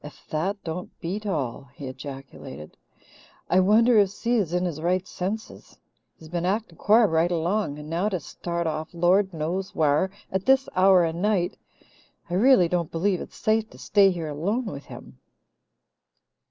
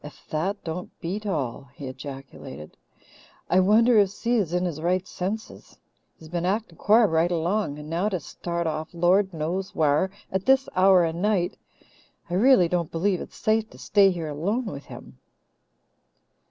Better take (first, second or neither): second